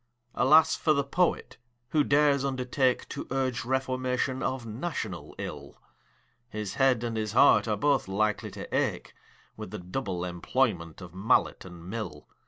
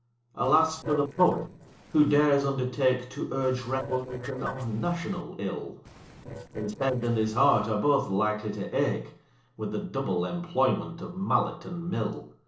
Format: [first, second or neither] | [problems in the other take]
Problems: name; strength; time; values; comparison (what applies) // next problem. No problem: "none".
first | noise reduction (neural separator model SepFormer DNS4)